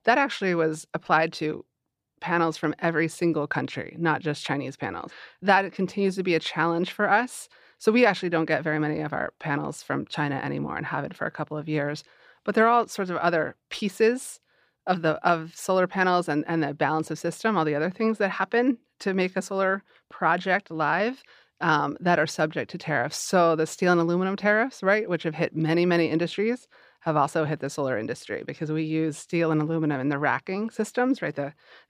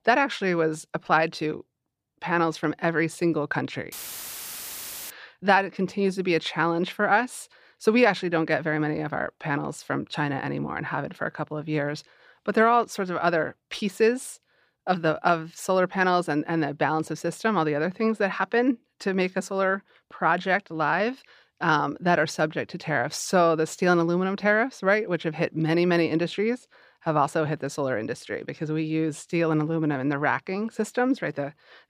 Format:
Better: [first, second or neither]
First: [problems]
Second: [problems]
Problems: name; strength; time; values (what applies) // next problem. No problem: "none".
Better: first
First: none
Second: audio cutting out; filled with static; at 4 s for 1 s